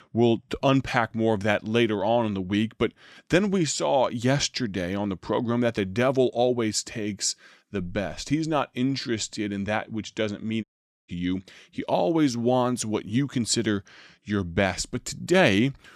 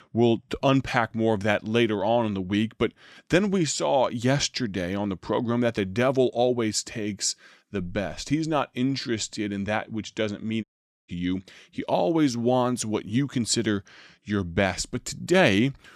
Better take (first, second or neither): neither